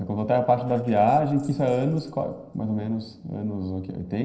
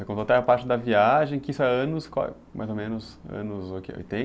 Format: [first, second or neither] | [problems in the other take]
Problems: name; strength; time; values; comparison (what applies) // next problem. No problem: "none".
second | noise reduction (neural separator model SepFormer DNS4)